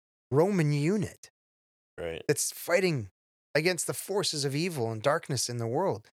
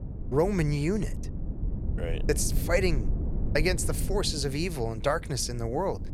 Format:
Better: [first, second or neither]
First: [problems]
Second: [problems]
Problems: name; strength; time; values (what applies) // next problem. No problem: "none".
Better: first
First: none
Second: wind noise on the microphone; occasional gusts; 15 dB below the speech